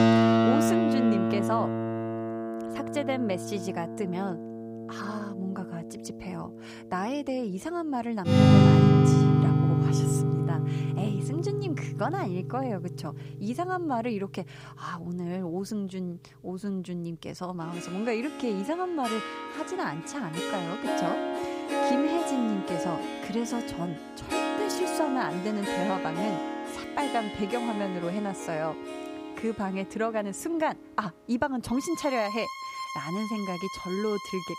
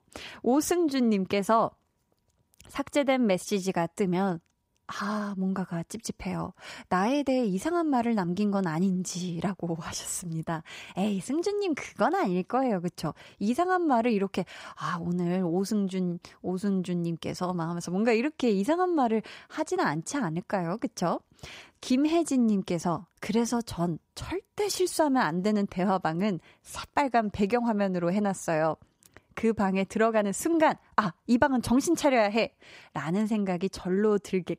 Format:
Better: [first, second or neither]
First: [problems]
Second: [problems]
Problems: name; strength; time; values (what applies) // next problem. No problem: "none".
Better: second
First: background music; very loud; throughout; 4 dB above the speech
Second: none